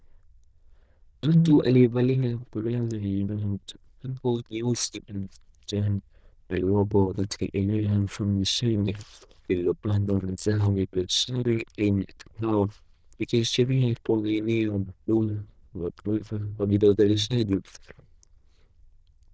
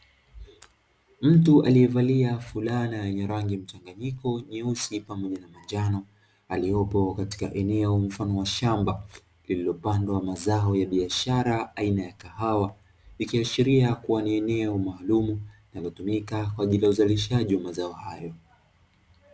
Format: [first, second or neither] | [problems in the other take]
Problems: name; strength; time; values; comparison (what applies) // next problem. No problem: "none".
second | noise reduction (neural diffusion model UNIVERSE++)